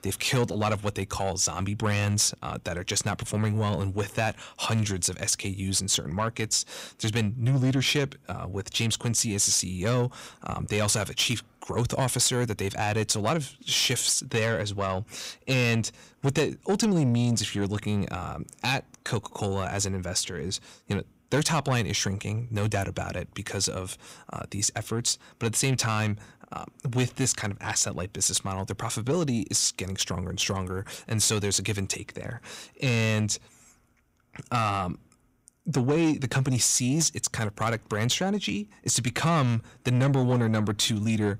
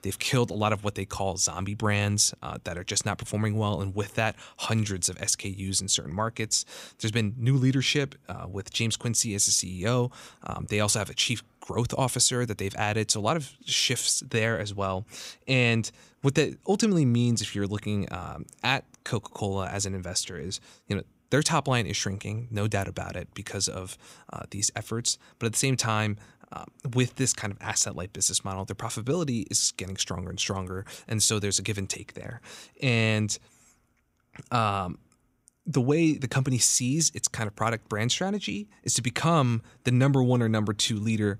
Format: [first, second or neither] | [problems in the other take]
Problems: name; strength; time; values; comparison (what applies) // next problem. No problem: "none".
second | distortion; slight; 10 dB below the speech